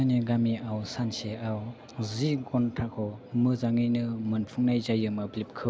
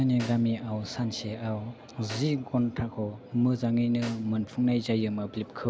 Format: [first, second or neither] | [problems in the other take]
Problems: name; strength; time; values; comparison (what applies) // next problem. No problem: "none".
first | background sound (Snare drum); 20 dB below the speech